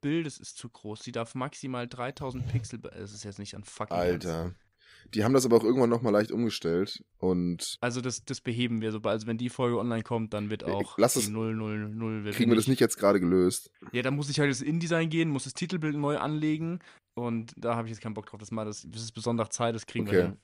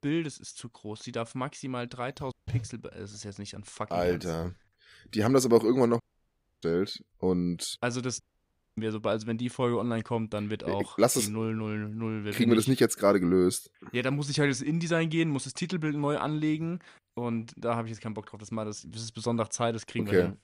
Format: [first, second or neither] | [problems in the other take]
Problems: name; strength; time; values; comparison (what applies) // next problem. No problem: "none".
first | audio cutting out; at 2.5 s, at 6 s for 0.5 s and at 8 s for 0.5 s